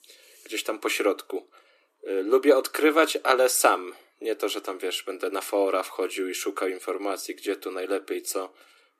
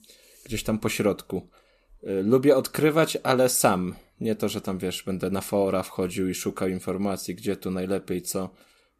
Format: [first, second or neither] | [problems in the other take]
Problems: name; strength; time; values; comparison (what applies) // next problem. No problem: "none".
second | thin; somewhat; fading below 300 Hz